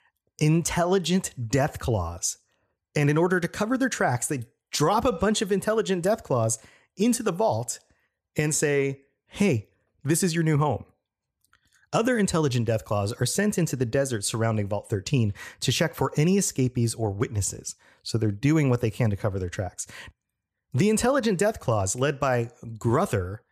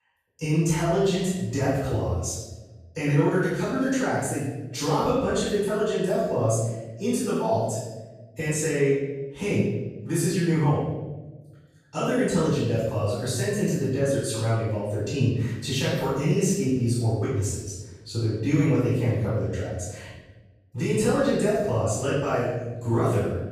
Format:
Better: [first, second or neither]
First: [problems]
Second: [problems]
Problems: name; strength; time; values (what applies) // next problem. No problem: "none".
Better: first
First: none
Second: off-mic speech; far // room echo; strong; dies away in 1 s